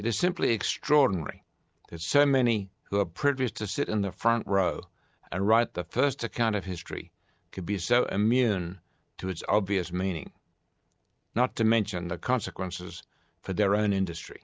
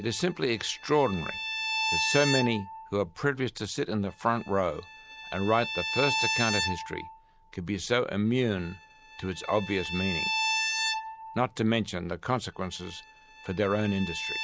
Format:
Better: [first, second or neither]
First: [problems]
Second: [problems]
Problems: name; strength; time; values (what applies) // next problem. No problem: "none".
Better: first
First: none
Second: background sound (Bowed string instrument); 5 dB below the speech